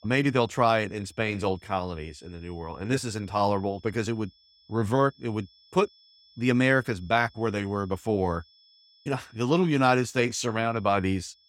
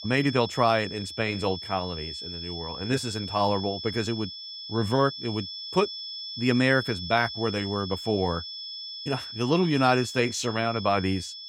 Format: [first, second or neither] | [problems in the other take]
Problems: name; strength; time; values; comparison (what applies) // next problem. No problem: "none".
first | high-pitched whine; loud; throughout; 5.5 kHz, 8 dB below the speech; faint in the first